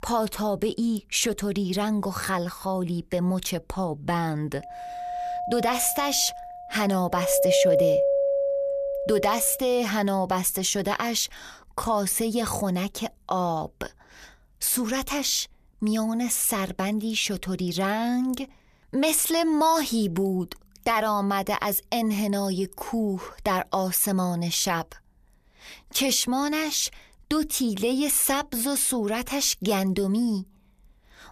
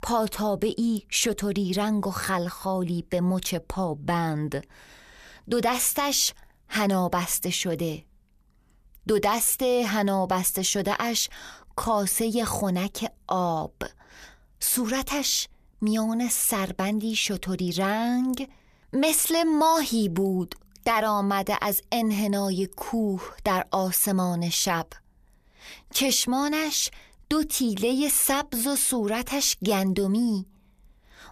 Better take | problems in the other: second | doorbell; loud; from 5 to 9.5 s; peak 5 dB above the speech

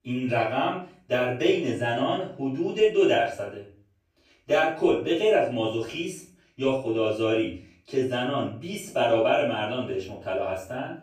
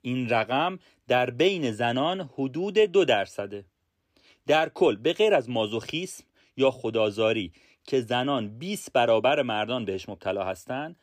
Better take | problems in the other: second | off-mic speech; far // room echo; noticeable; dies away in 0.4 s

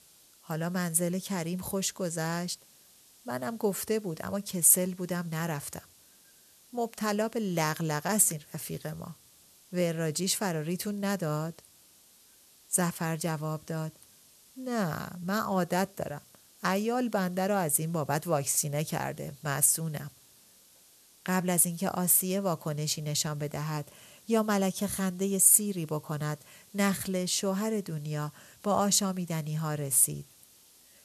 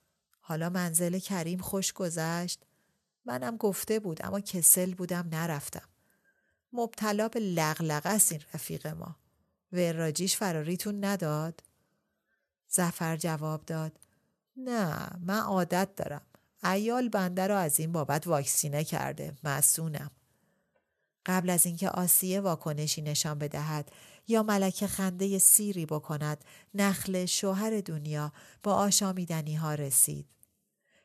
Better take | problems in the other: second | hiss; faint; throughout; 25 dB below the speech

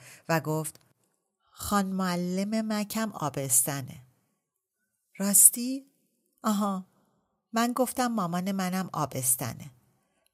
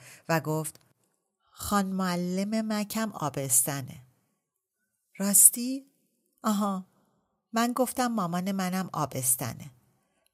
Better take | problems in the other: neither | none

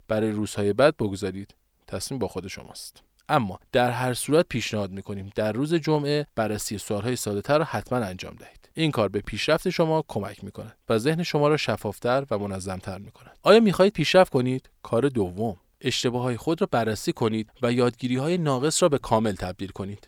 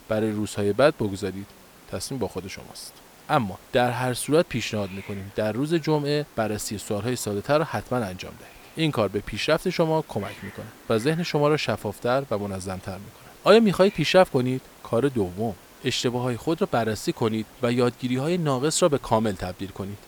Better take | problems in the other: first | hiss; faint; throughout; 25 dB below the speech

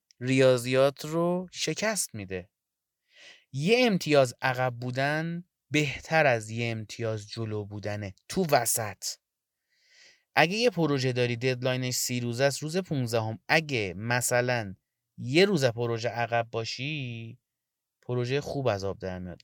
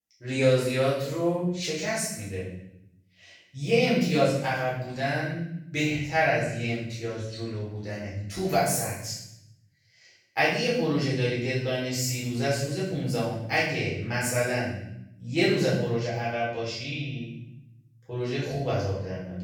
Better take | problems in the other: first | off-mic speech; far // room echo; strong; dies away in 0.8 s

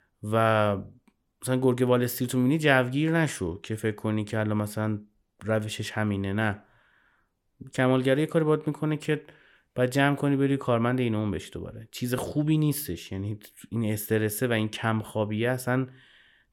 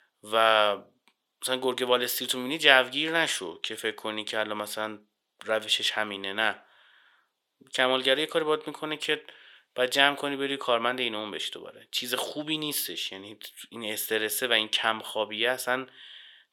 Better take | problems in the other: first | thin; very; fading below 550 Hz

